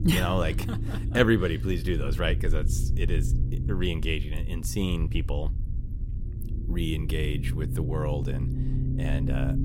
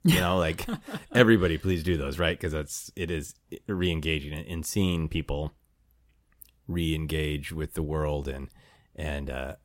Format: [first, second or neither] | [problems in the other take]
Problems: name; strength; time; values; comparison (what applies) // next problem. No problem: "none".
second | low rumble; noticeable; throughout; 10 dB below the speech